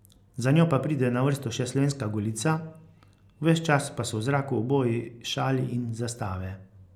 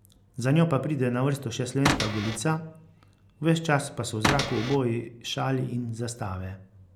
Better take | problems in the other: first | background sound (Cupboard open or close / Door); 1 dB below the speech

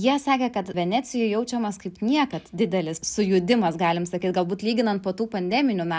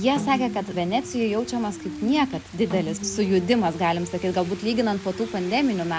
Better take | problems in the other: first | background sound (Rain + Snare drum); 11 dB below the speech

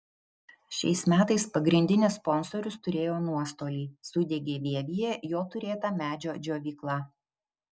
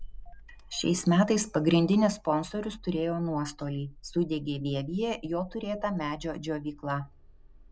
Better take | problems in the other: first | background sound (Engine starting / Car); 19 dB below the speech

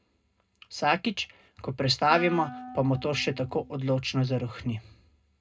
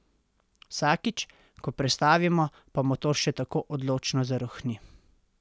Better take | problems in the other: second | background sound (Wind instrument, woodwind instrument); 14 dB below the speech // room echo; dies away in 0.2 s

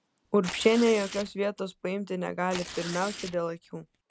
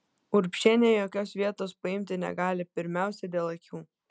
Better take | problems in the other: second | background sound (Tearing); 13 dB below the speech

